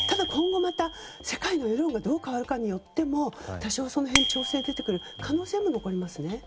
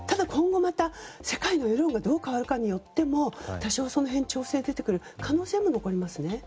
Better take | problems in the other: second | background sound (Bicycle bell); 7 dB below the speech

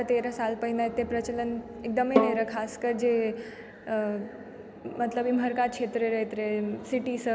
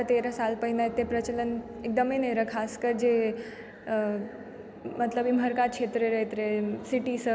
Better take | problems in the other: second | background sound (Bowed string instrument); 2 dB below the speech

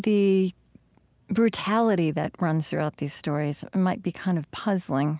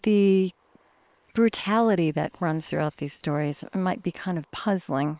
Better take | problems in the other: first | noise reduction (neural separator model SepFormer WHAM!)

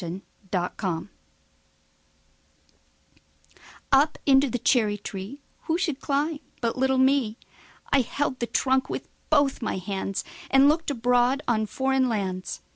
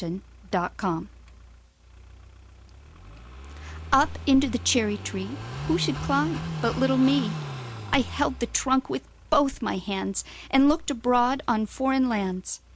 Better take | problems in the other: first | background sound (Car passing by / Idling); 11 dB below the speech

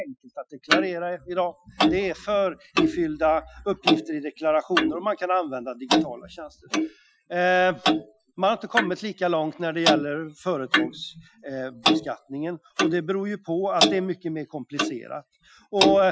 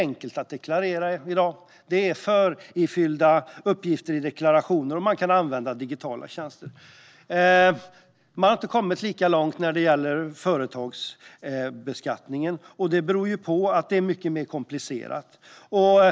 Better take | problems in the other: second | noise reduction (classical method Wiener filter)

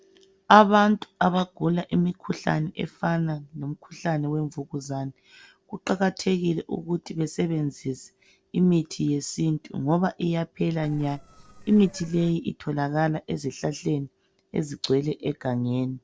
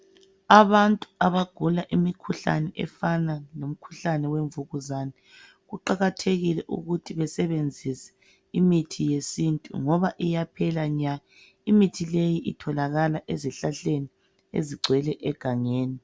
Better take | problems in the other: second | noise reduction (neural separator model SepFormer DNS4)

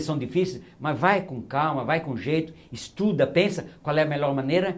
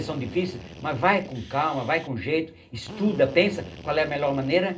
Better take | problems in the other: first | background sound (Drill); 17 dB below the speech // room echo; dies away in 0.2 s

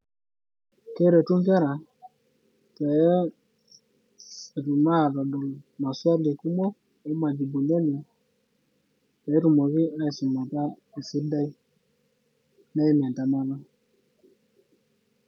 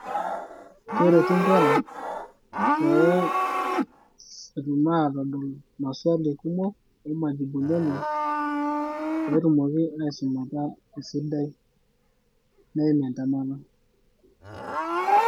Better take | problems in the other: first | background sound (Livestock, farm animals, working animals); 2 dB below the speech

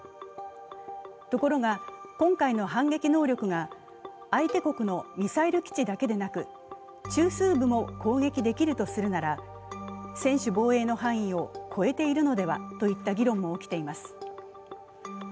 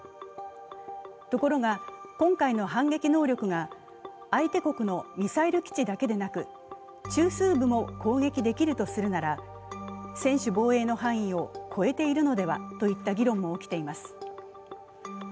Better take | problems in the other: second | background sound (Cowbell); 19 dB below the speech

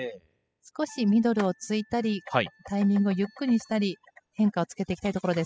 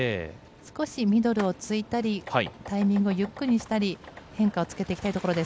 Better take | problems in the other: second | noise reduction (classical method spectral subtraction)

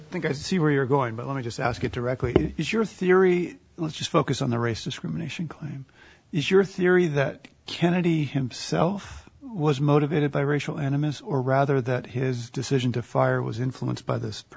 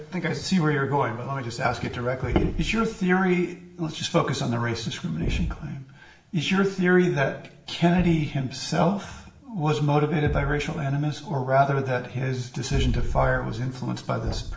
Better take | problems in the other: first | background sound (Thump, thud); 10 dB below the speech // room echo; dies away in 0.6 s

